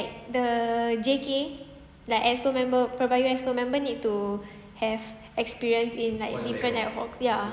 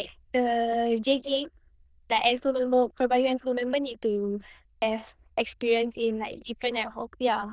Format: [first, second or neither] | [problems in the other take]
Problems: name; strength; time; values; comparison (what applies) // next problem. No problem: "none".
first | noise reduction (neural diffusion model UNIVERSE++)